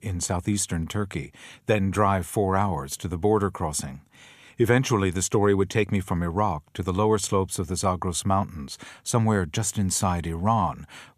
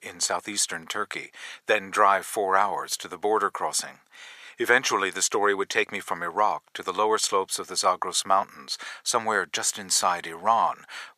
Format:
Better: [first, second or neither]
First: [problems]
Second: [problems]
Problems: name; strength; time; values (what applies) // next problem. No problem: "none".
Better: first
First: none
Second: thin; very; fading below 600 Hz